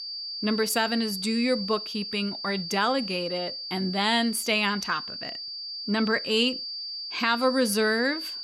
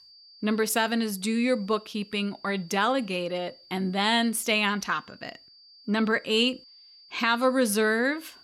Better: second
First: high-pitched whine; loud; throughout; 4.5 kHz, 6 dB below the speech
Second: high-pitched whine; faint; throughout; 4.5 kHz, 25 dB below the speech

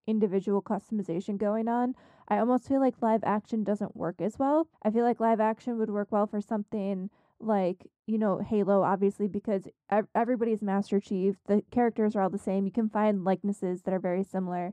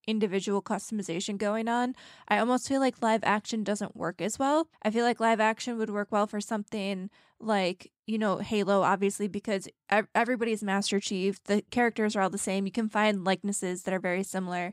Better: second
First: muffled; very; fading above 1.5 kHz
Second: none

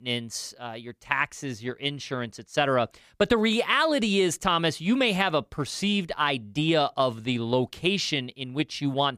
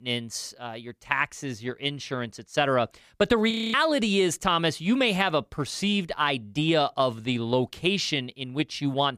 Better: first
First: none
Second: audio freezing; at 3.5 s

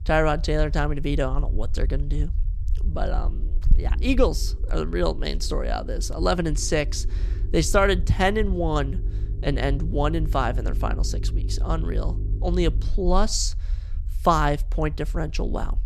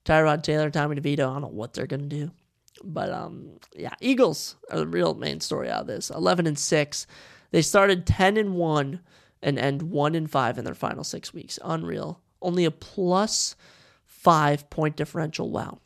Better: second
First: low rumble; faint; throughout; 20 dB below the speech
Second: none

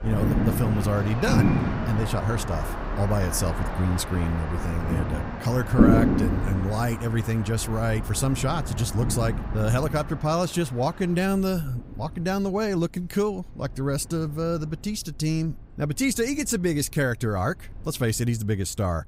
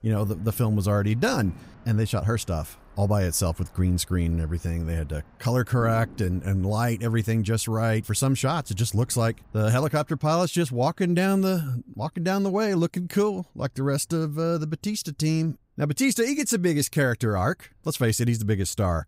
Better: second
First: wind in the background; loud; throughout; 1 dB below the speech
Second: wind in the background; faint; throughout; 25 dB below the speech

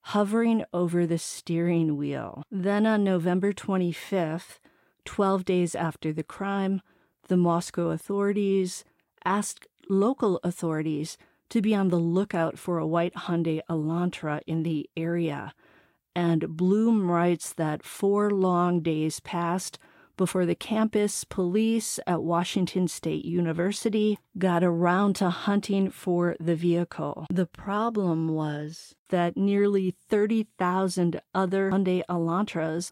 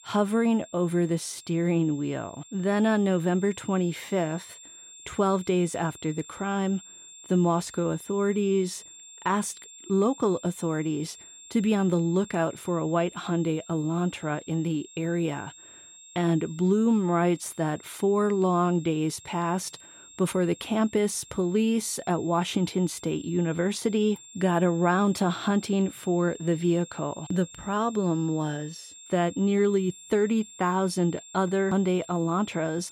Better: first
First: none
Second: high-pitched whine; noticeable; throughout; 7.5 kHz, 20 dB below the speech

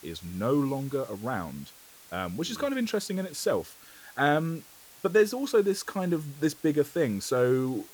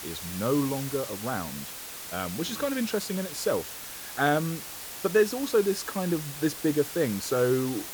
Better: first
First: hiss; faint; throughout; 20 dB below the speech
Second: hiss; loud; throughout; 8 dB below the speech

